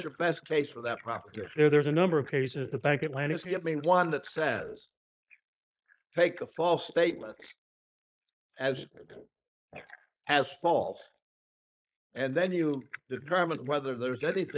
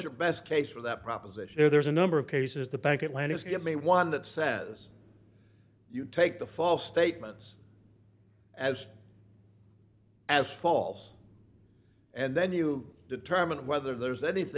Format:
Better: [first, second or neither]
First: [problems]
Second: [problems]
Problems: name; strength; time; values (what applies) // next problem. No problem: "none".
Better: second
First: noise reduction (neural mask model Resemble Enhance denoiser)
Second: none